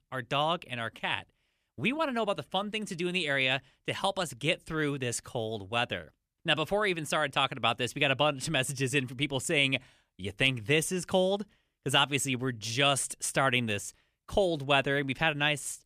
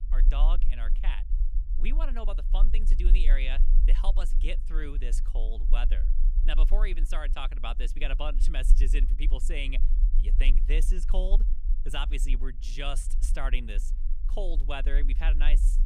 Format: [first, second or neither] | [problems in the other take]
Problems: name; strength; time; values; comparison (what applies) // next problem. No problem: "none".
first | low rumble; noticeable; throughout; 15 dB below the speech